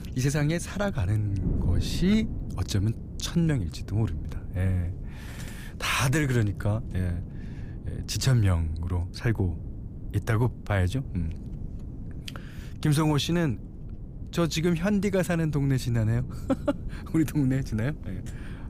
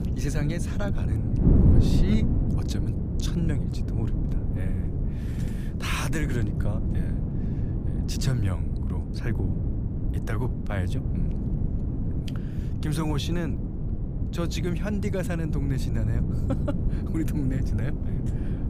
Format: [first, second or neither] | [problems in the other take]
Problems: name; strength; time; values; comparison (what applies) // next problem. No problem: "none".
first | wind noise on the microphone; heavy; 2 dB below the speech; occasional gusts in the first